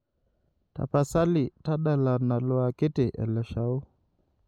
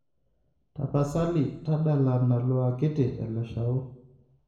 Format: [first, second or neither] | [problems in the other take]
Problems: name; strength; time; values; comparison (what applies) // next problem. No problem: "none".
first | room echo; dies away in 0.7 s